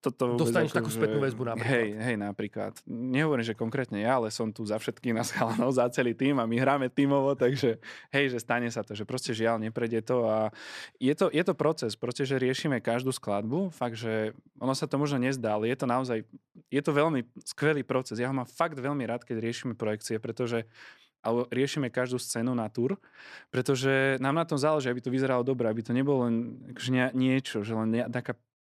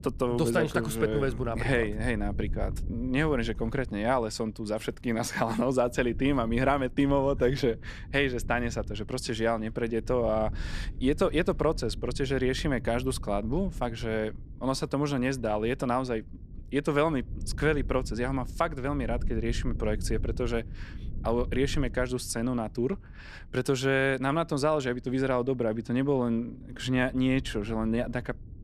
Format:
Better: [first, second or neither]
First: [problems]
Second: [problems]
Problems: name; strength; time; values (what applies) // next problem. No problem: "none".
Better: first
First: none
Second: low rumble; faint; throughout; 25 dB below the speech